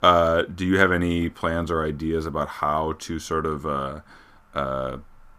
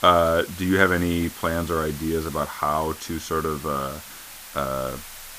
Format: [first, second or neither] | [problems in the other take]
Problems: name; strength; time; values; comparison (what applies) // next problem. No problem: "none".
first | hiss; noticeable; throughout; 15 dB below the speech